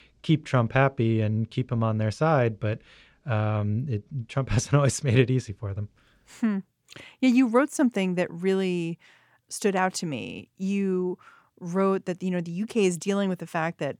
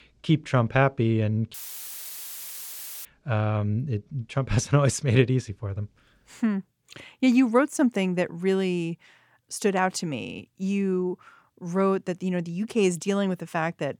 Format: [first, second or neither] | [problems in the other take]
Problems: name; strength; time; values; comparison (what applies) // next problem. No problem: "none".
first | audio cutting out; filled with static; at 1.5 s for 1.5 s